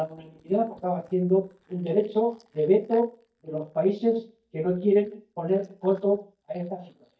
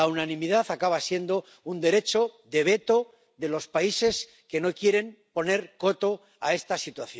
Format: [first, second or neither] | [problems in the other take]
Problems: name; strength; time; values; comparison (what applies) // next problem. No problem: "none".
second | noise reduction (neural mask model DeepFilterNet 3)